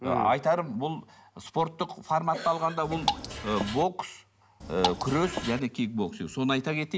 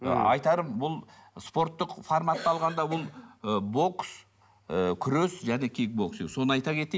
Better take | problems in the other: second | background sound (Drip / Water); 4 dB below the speech

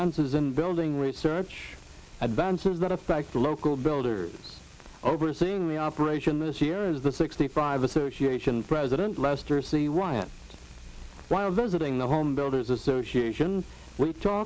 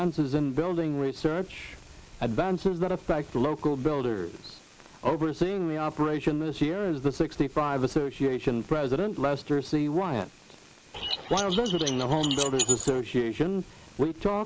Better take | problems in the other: first | noise reduction (neural mask model Resemble Enhance denoiser)

